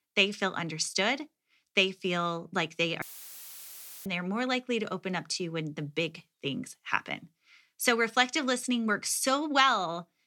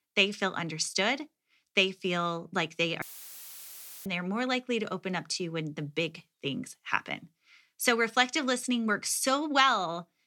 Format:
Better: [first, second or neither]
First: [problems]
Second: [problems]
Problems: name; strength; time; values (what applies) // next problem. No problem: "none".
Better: neither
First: audio cutting out; filled with static; at 3 s for 1 s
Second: audio cutting out; filled with static; at 3 s for 1 s